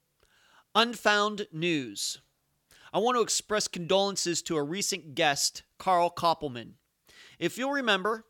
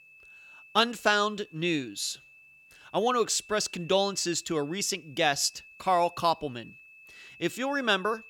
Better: first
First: none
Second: high-pitched whine; faint; throughout; 2.5 kHz, 25 dB below the speech

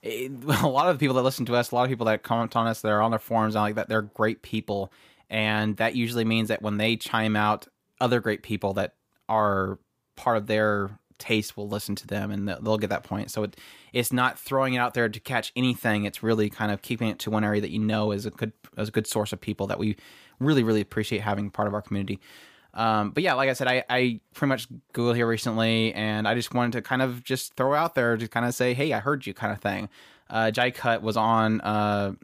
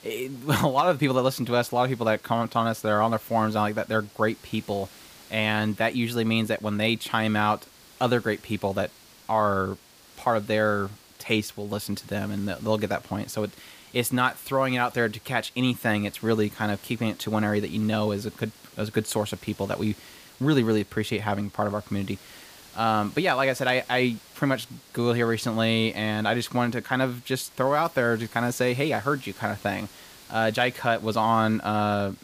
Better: first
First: none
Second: hiss; faint; throughout; 25 dB below the speech

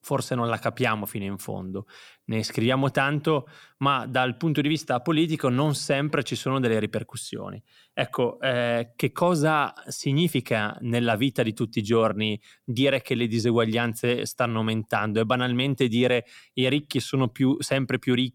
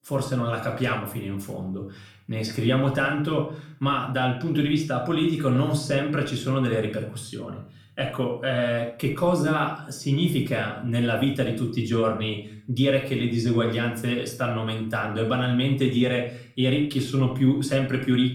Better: first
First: none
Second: off-mic speech; far // room echo; slight; dies away in 0.4 s

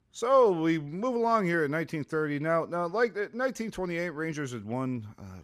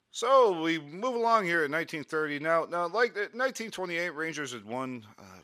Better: first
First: none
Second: thin; very slightly; fading below 600 Hz

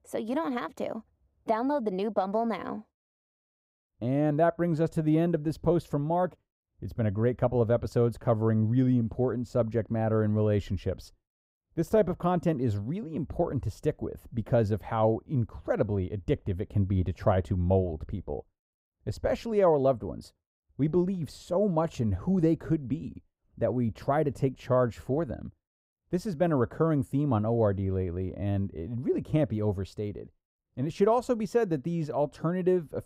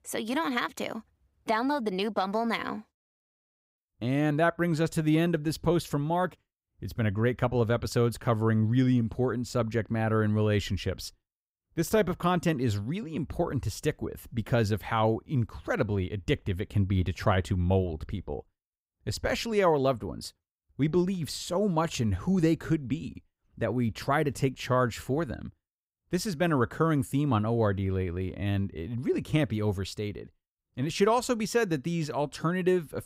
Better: second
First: muffled; slightly; fading above 1.5 kHz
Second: none

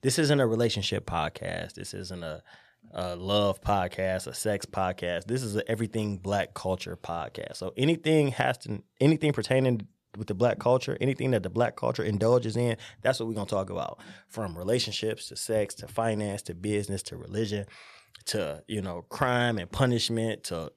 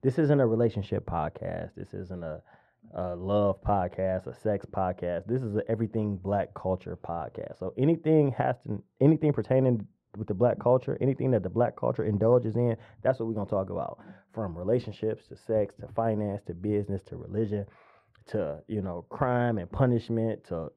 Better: first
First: none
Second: muffled; very; fading above 2.5 kHz

